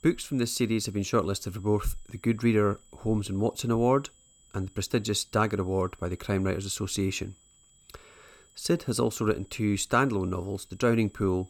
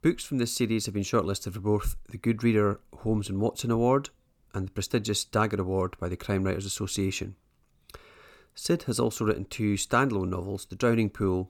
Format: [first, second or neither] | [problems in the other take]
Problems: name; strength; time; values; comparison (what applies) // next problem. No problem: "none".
second | high-pitched whine; faint; throughout; 7.5 kHz, 30 dB below the speech